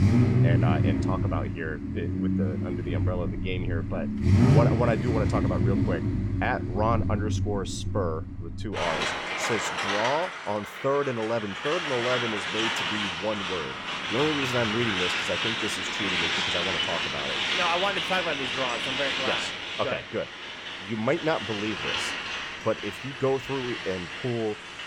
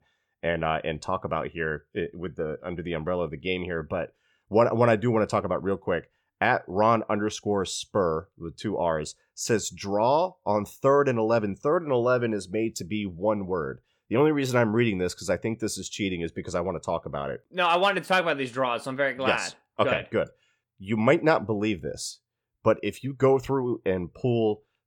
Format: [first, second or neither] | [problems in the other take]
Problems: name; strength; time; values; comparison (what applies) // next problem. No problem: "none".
second | traffic noise; very loud; throughout; 3 dB above the speech